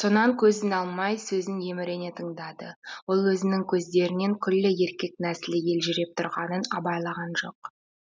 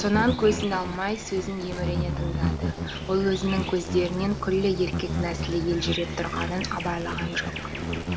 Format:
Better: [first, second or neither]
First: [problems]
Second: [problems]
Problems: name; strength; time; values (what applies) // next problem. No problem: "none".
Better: first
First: none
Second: background sound (Insect); 3 dB below the speech